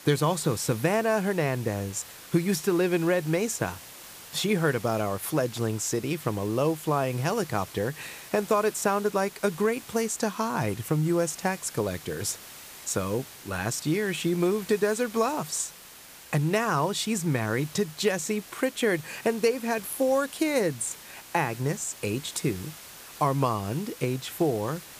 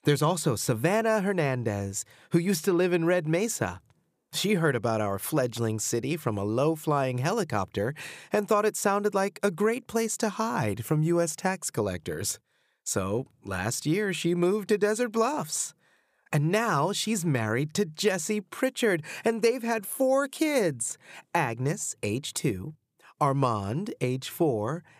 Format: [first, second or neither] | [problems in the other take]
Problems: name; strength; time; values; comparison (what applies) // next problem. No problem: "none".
second | hiss; noticeable; throughout; 15 dB below the speech